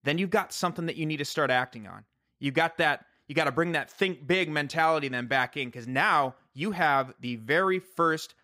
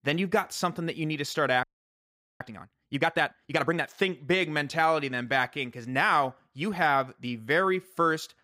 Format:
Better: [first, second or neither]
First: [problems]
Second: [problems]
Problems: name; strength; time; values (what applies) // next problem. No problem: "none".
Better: first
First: none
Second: audio freezing; at 1.5 s for 1 s